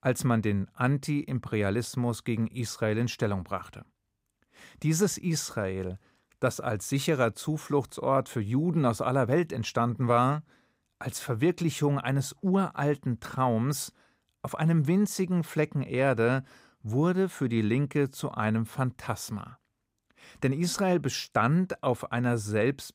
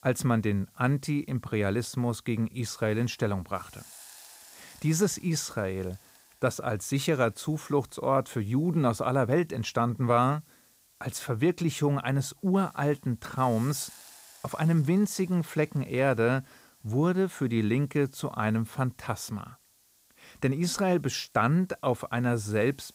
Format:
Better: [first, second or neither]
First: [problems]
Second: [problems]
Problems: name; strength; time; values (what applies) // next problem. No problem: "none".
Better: first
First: none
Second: hiss; faint; throughout; 25 dB below the speech